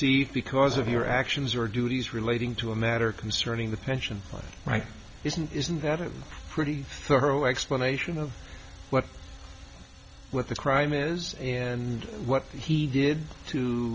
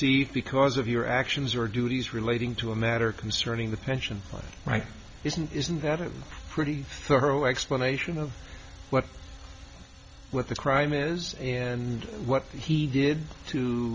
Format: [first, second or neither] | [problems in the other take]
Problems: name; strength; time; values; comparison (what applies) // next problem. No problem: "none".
second | background sound (Growling); 9 dB below the speech